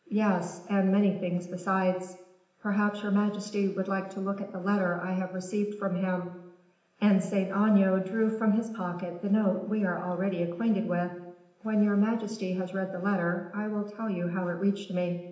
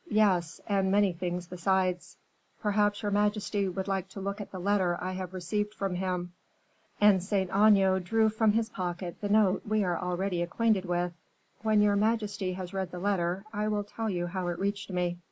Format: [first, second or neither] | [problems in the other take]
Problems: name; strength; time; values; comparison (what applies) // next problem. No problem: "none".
second | room echo; dies away in 0.8 s